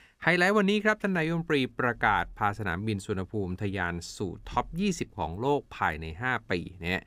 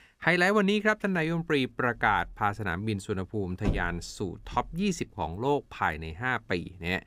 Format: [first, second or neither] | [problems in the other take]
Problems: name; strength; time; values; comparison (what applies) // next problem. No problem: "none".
first | door banging; noticeable; at 3.5 s; peak 5 dB below the speech